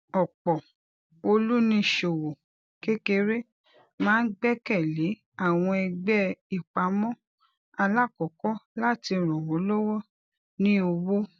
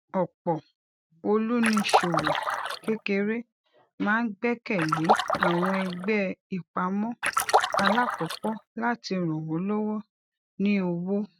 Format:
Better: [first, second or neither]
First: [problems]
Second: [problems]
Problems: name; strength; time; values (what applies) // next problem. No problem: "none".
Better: first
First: none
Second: noise reduction (neural mask model RNNoise)